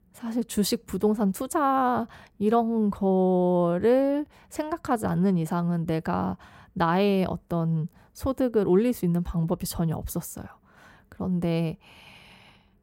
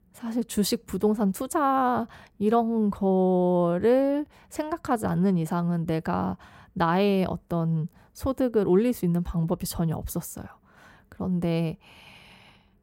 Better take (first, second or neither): neither